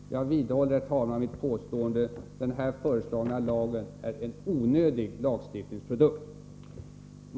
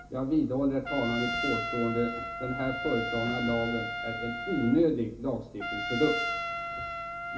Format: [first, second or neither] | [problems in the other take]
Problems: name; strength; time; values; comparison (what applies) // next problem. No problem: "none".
first | background sound (Trumpet); 5 dB below the speech // room echo; dies away in 0.3 s